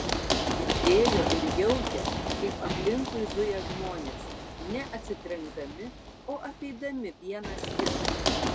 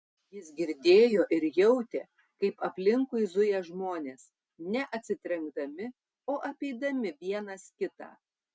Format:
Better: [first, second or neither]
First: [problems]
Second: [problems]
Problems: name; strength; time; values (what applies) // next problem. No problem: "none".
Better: second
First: background sound (Run); 1 dB above the speech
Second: none